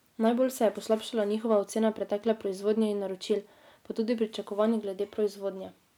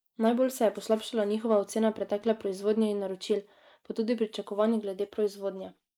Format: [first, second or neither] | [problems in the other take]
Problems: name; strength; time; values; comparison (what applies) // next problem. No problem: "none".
first | noise reduction (neural mask model Resemble Enhance denoiser)